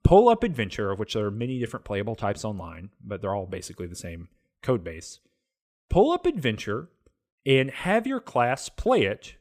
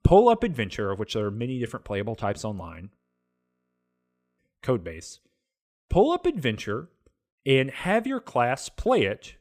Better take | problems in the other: first | audio freezing; at 3 s for 1.5 s

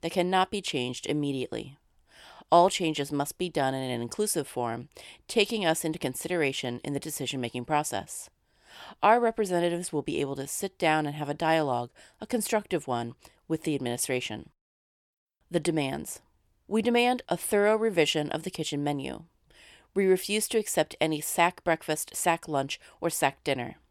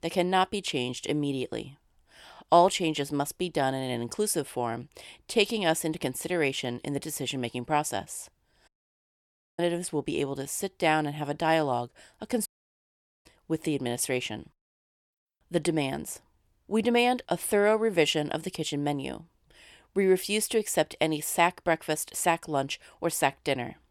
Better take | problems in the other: first | audio cutting out; at 8.5 s for 1 s and at 12 s for 1 s

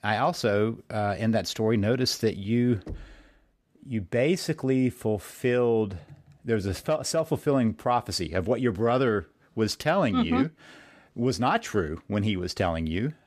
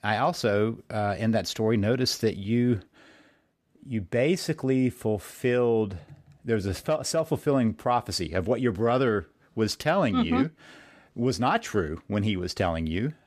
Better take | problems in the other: second | door banging; faint; at 3 s; peak 15 dB below the speech

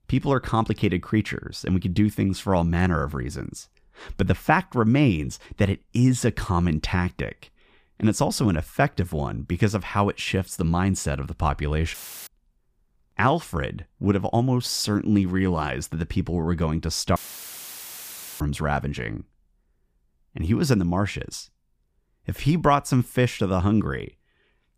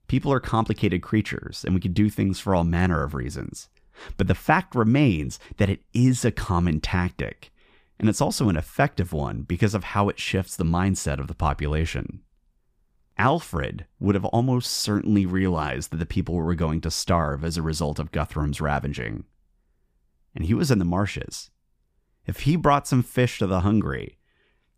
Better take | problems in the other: second | audio cutting out; filled with static; at 12 s and at 17 s for 1 s

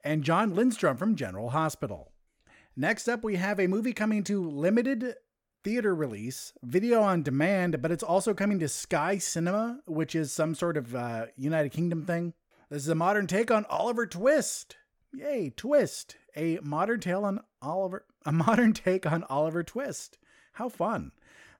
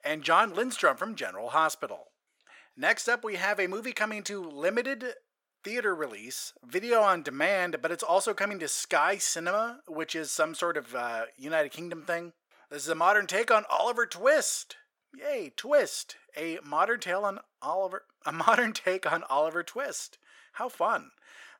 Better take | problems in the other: first | thin; very; fading below 550 Hz

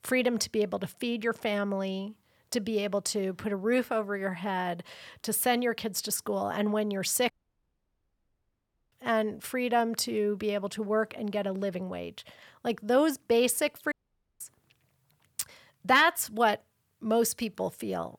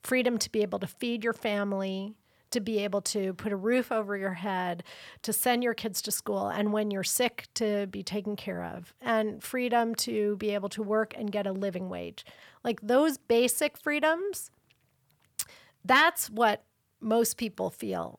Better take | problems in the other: second | audio cutting out; at 7.5 s for 1.5 s and at 14 s

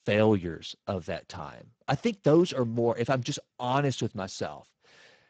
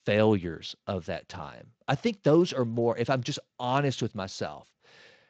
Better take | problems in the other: second | garbled, watery; badly; nothing above 7.5 kHz; slightly in the second

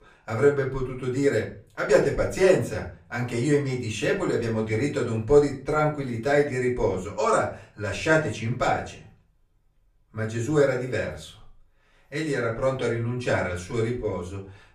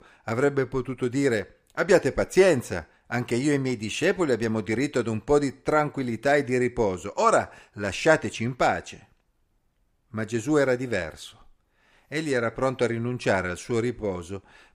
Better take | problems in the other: second | off-mic speech; far // room echo; slight; dies away in 0.3 s

